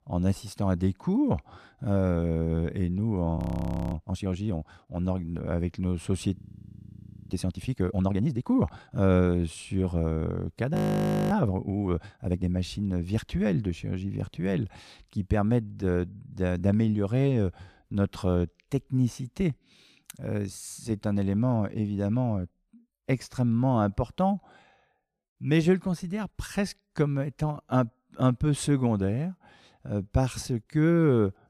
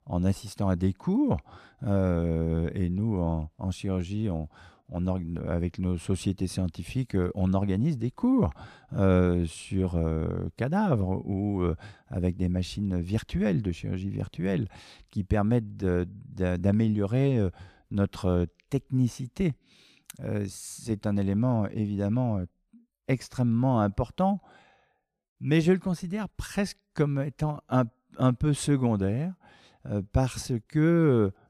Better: second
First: audio freezing; at 3.5 s for 0.5 s, at 6.5 s for 1 s and at 11 s for 0.5 s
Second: none

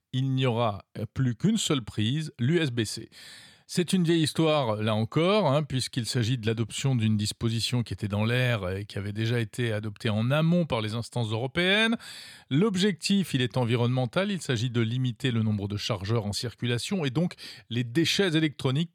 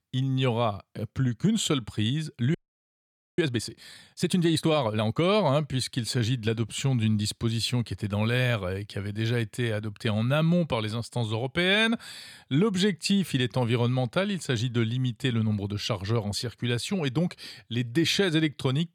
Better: first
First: none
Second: audio freezing; at 2.5 s for 1 s

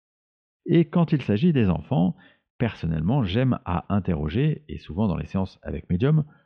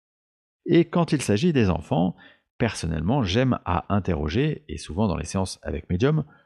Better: second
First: muffled; slightly; fading above 3.5 kHz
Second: none

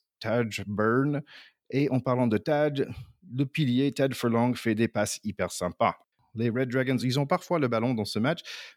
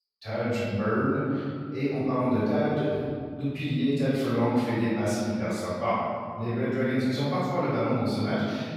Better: first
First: none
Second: off-mic speech; far // room echo; strong; dies away in 2 s

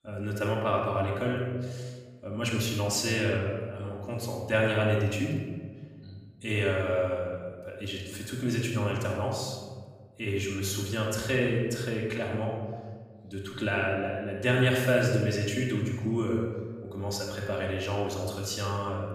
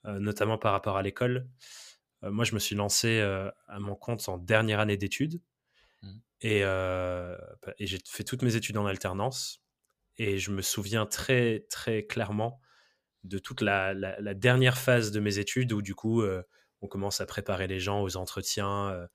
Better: second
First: off-mic speech; far // room echo; noticeable; dies away in 1.3 s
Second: none

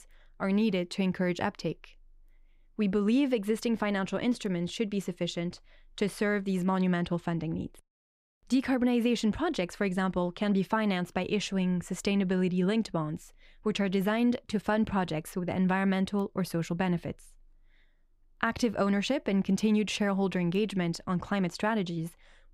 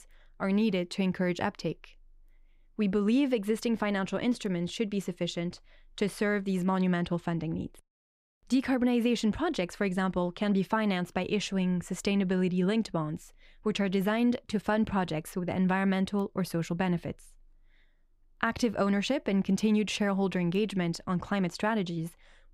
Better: neither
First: none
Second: none

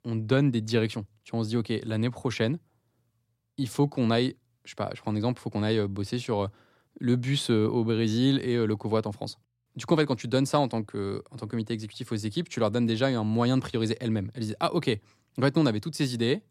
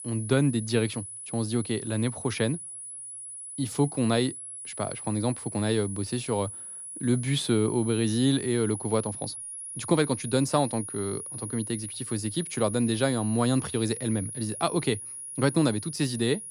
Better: first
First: none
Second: high-pitched whine; loud; throughout; 10.5 kHz, 8 dB below the speech

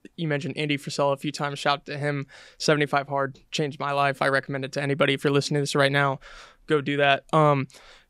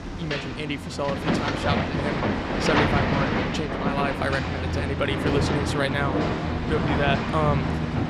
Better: first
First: none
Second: machinery noise; very loud; throughout; 3 dB above the speech

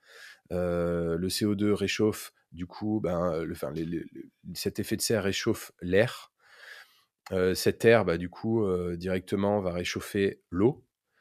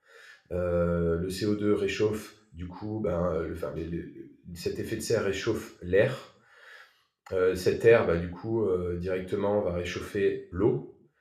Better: first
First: none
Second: room echo; slight; dies away in 0.4 s

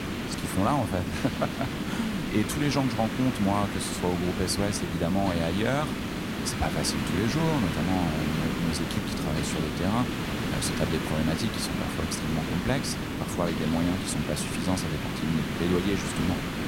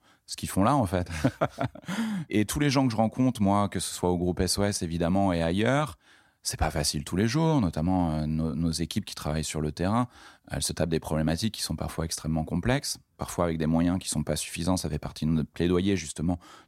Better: second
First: hiss; loud; throughout; 2 dB below the speech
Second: none

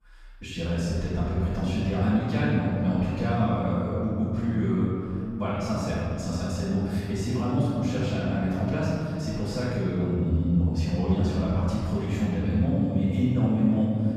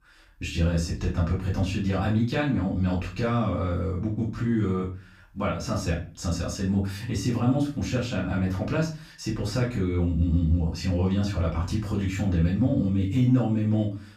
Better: second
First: room echo; strong; dies away in 3 s // off-mic speech; far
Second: room echo; slight; dies away in 0.3 s // off-mic speech; far

